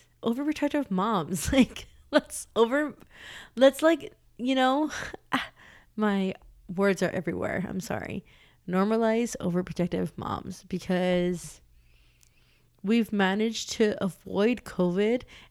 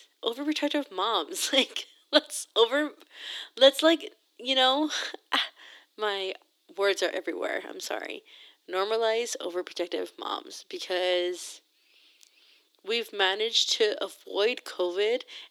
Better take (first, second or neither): first